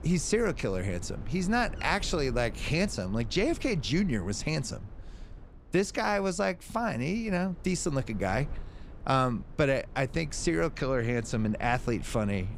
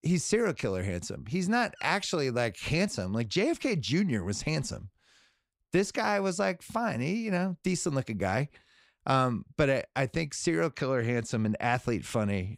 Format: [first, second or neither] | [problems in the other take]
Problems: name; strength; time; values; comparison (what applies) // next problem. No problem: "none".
second | low rumble; faint; throughout; 20 dB below the speech